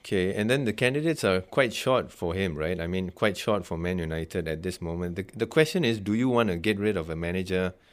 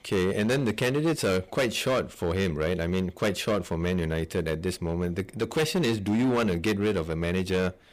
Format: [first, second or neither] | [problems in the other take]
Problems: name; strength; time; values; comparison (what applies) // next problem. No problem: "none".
first | distortion; heavy; 12% of the sound clipped